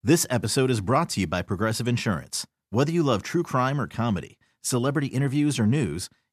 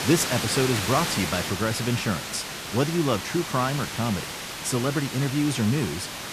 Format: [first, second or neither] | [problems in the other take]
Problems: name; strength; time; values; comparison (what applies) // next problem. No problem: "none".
first | hiss; loud; throughout; 4 dB below the speech